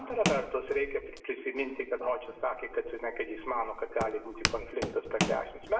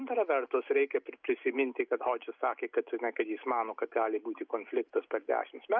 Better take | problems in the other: second | background sound (Walk, footsteps); 5 dB below the speech // room echo; dies away in 0.7 s

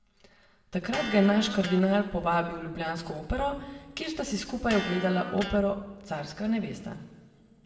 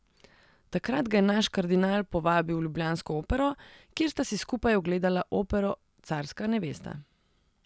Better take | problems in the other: second | background sound (Electric guitar); 12 dB below the speech // room echo; dies away in 1.7 s

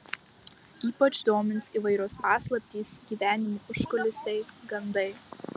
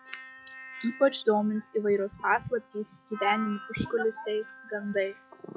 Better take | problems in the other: first | noise reduction (classical method log-MMSE)

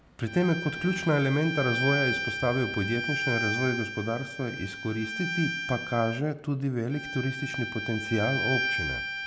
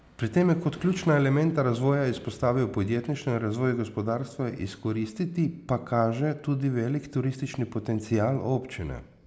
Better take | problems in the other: second | background sound (Bowed string instrument); 4 dB below the speech

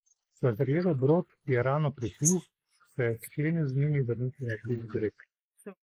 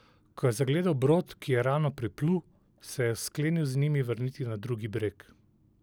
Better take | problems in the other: second | noise reduction (neural mask model Resemble Enhance denoiser)

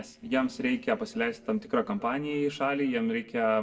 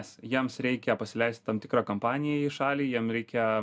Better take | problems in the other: second | noise reduction (neural separator model SepFormer DNS4)

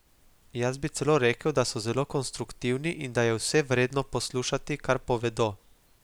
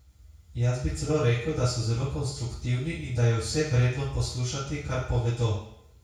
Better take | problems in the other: first | room echo; dies away in 0.6 s

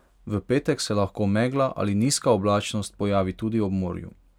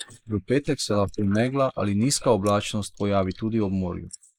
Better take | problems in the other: first | noise reduction (neural mask model Resemble Enhance denoiser)

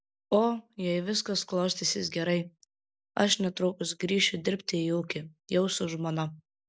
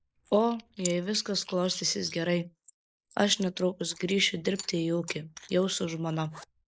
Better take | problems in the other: first | noise reduction (neural mask model Resemble Enhance denoiser)

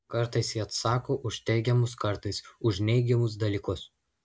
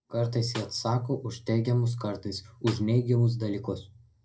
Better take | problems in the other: first | background sound (Snare drum); 20 dB below the speech // room echo; dies away in 0.2 s

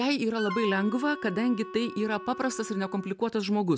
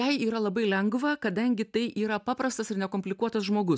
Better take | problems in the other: second | background sound (Wind instrument, woodwind instrument); 12 dB below the speech

